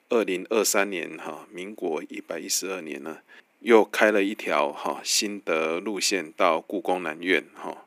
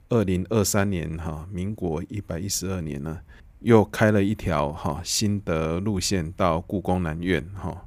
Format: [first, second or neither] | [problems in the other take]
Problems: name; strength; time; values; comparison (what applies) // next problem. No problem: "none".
second | thin; somewhat; fading below 250 Hz